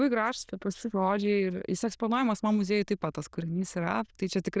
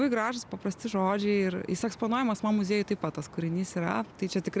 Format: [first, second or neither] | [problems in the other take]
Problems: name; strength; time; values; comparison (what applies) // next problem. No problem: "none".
second | noise reduction (neural diffusion model UNIVERSE++)